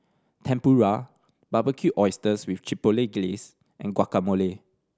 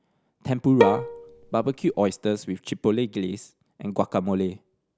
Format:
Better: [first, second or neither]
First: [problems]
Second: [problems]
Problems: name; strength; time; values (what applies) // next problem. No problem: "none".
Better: first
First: none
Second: background sound (Bowed string instrument); 1 dB below the speech